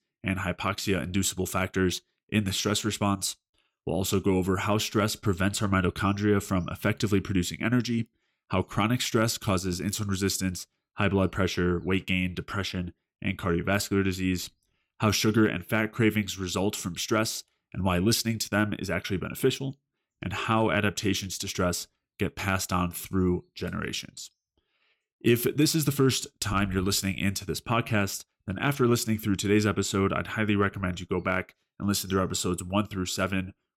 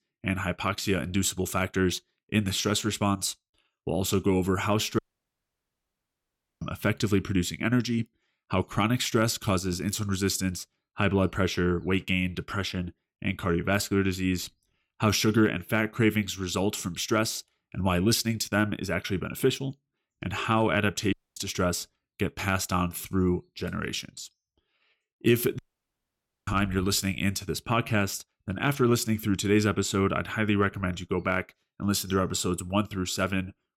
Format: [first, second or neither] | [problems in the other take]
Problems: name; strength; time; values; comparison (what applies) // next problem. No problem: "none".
first | audio cutting out; at 5 s for 1.5 s, at 21 s and at 26 s for 1 s